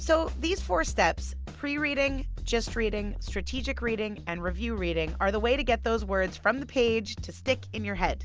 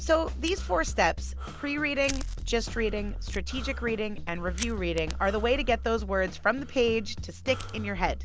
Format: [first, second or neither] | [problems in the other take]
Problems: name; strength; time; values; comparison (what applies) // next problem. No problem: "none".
first | background sound (Breathing + Fire); 13 dB below the speech